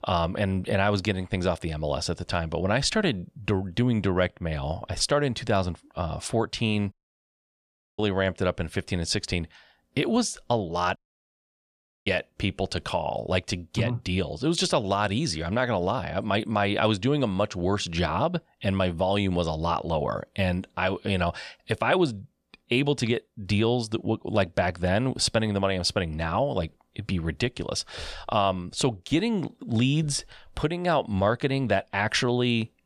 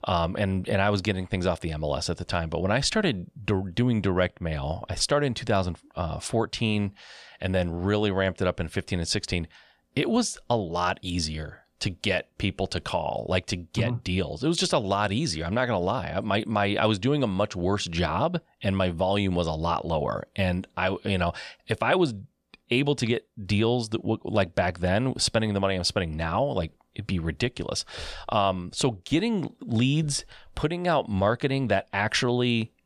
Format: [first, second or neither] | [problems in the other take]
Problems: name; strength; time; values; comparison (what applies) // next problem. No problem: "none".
second | audio cutting out; at 7 s for 1 s and at 11 s for 1 s